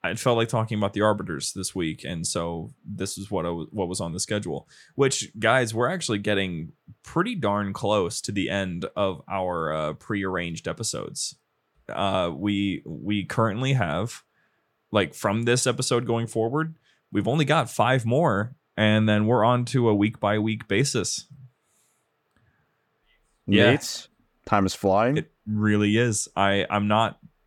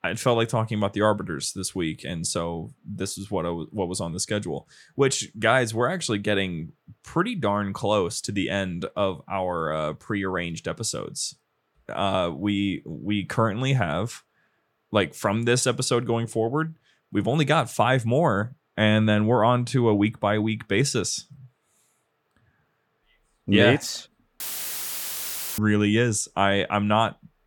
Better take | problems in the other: first | audio cutting out; filled with static; at 24 s for 1 s

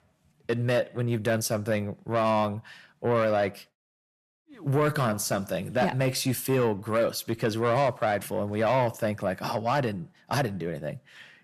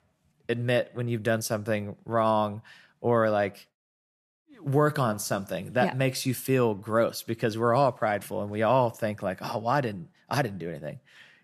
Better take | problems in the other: second | distortion; slight; 10 dB below the speech

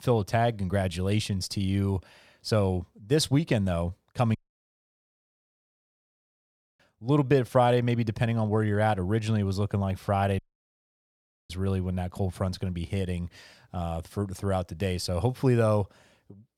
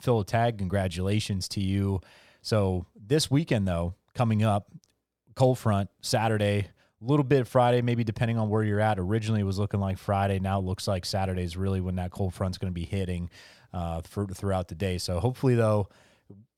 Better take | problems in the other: second | audio cutting out; at 4.5 s for 2.5 s and at 10 s for 1 s

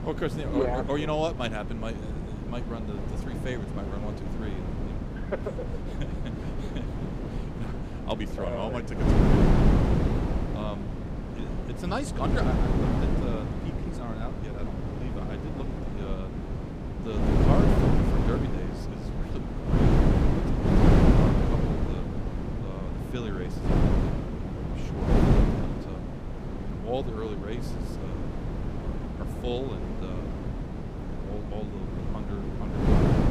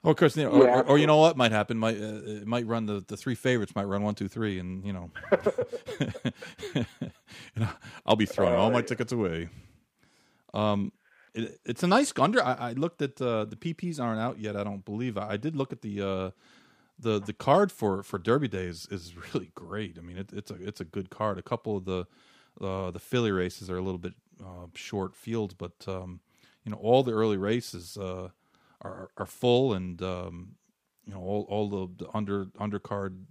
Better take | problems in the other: second | wind noise on the microphone; heavy; 2 dB above the speech

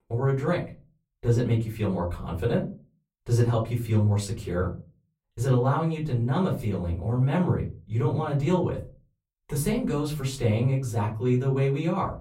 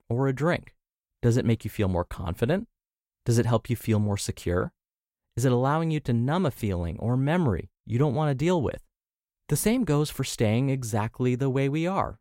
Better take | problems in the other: second | off-mic speech; far // room echo; very slight; dies away in 0.4 s

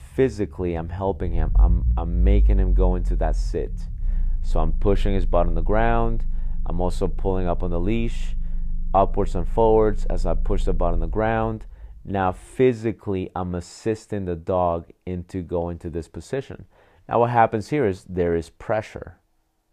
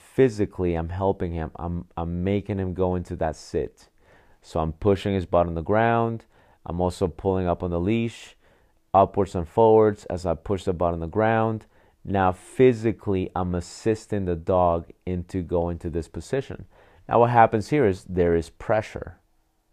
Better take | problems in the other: second | low rumble; faint; until 13 s; 25 dB below the speech

